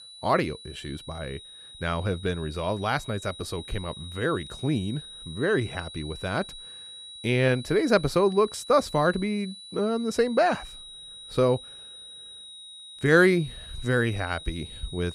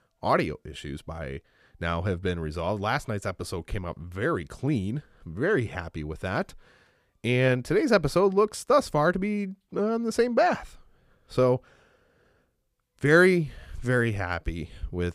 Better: second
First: high-pitched whine; noticeable; throughout; 4 kHz, 15 dB below the speech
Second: none

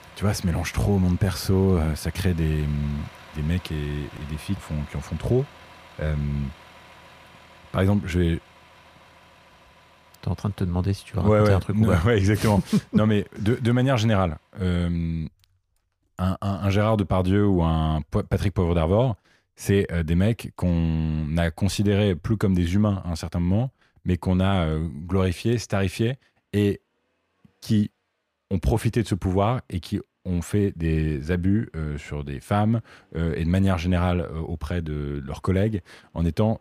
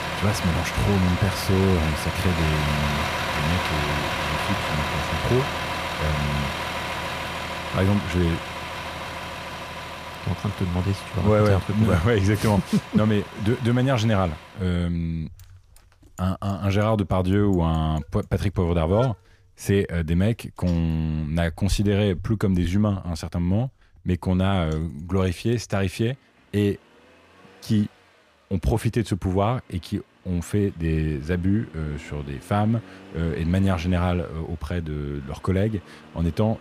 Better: first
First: traffic noise; faint; throughout; 25 dB below the speech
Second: traffic noise; loud; throughout; 5 dB below the speech

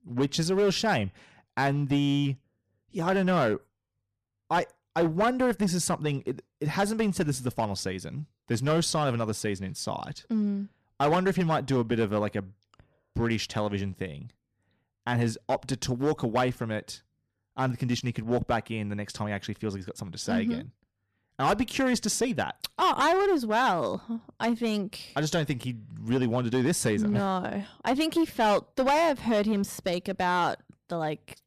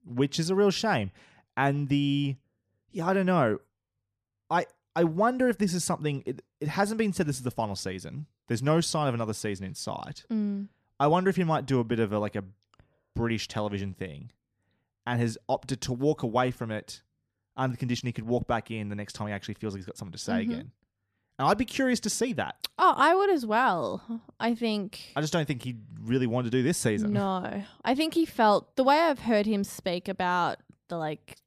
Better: second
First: distortion; slight; 6% of the sound clipped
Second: none

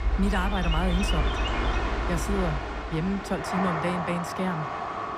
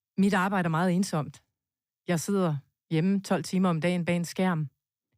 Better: second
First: train or aircraft noise; very loud; throughout; as loud as the speech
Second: none

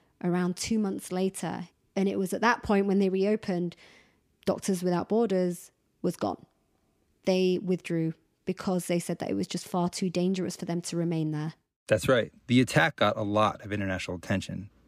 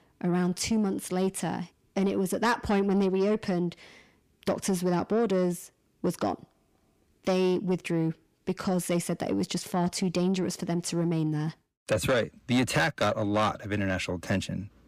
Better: first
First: none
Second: distortion; slight; 10 dB below the speech

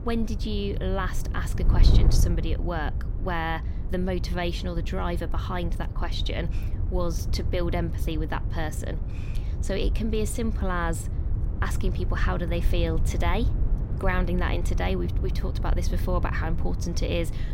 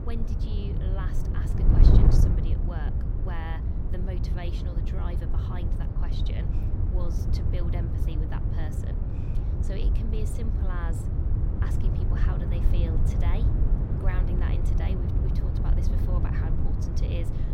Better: first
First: wind noise on the microphone; occasional gusts; 10 dB below the speech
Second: wind noise on the microphone; heavy; 2 dB above the speech

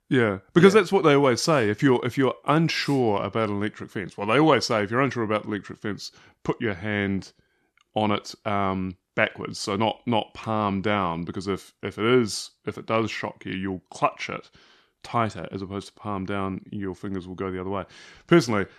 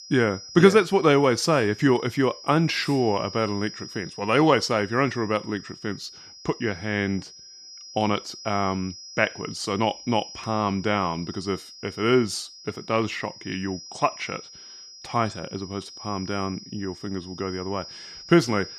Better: first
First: none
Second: high-pitched whine; noticeable; throughout; 5 kHz, 15 dB below the speech

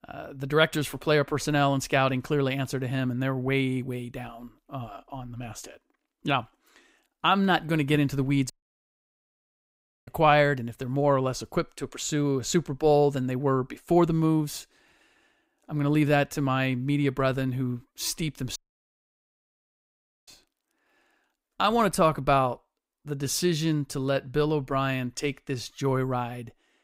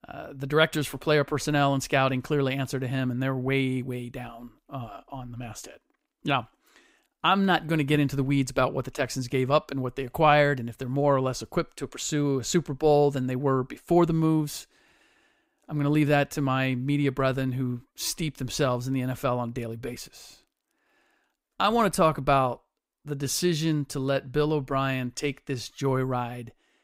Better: second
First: audio cutting out; at 8.5 s for 1.5 s and at 19 s for 1.5 s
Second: none

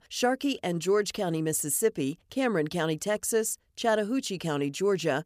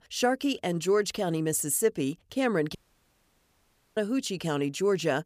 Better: first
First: none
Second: audio cutting out; at 3 s for 1 s

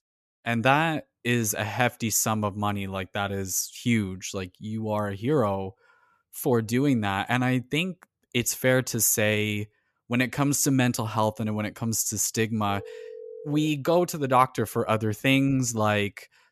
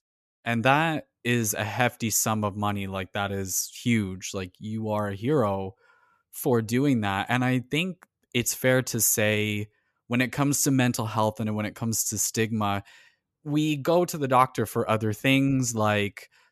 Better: second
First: phone ringing; faint; from 13 to 14 s; peak 15 dB below the speech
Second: none

